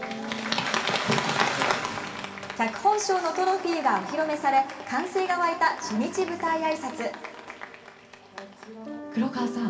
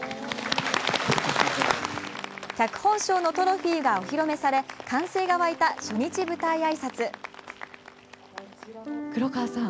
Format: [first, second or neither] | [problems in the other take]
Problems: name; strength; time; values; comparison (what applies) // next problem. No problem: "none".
second | room echo; dies away in 2.3 s